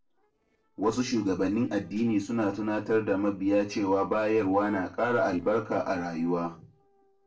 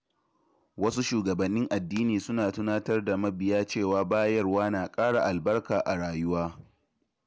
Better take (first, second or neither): second